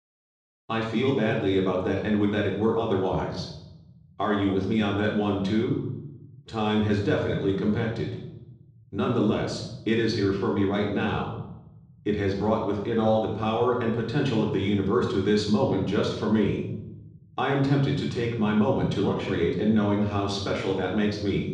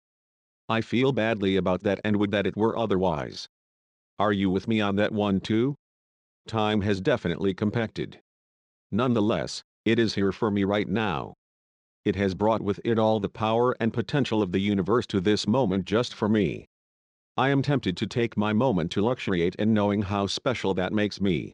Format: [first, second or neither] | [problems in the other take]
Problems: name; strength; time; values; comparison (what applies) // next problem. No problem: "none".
second | room echo; noticeable; dies away in 0.9 s // off-mic speech; far